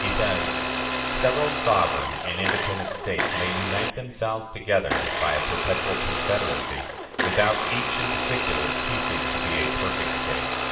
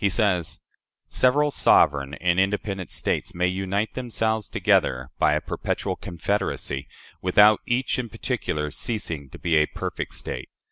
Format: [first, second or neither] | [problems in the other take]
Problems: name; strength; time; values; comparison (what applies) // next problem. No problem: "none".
second | background sound (Domestic sounds, home sounds); 1 dB above the speech // room echo; dies away in 1.1 s